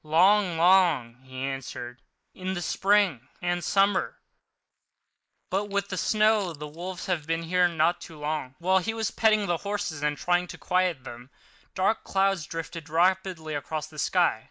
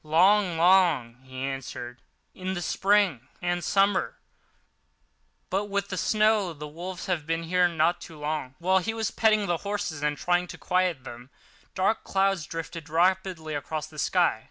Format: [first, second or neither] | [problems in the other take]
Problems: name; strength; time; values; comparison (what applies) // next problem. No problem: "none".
second | noise reduction (neural mask model Resemble Enhance denoiser)